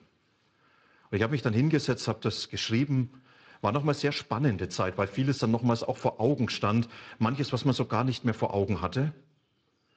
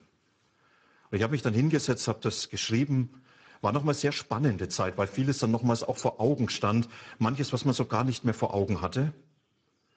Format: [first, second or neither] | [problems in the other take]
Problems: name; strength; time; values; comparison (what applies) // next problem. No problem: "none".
first | garbled, watery; badly; nothing above 8 kHz; slightly in the first